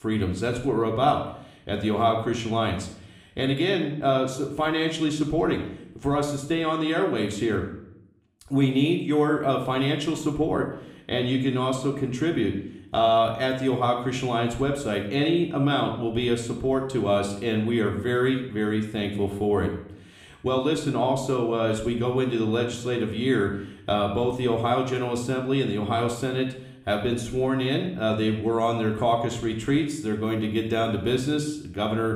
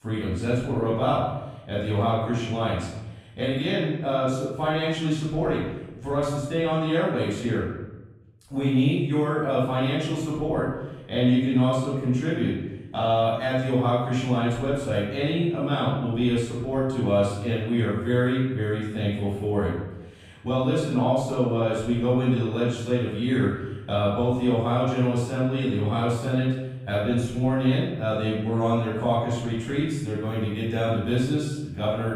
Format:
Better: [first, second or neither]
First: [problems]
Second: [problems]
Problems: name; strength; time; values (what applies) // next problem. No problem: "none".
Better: first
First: room echo; slight; dies away in 0.6 s // off-mic speech; somewhat distant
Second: room echo; strong; dies away in 1 s // off-mic speech; far